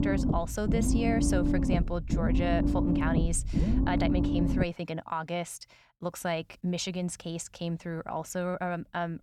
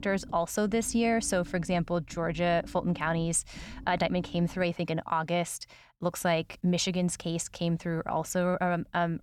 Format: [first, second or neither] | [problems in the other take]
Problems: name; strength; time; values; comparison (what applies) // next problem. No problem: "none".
second | low rumble; loud; until 4.5 s; 1 dB below the speech; faint in the second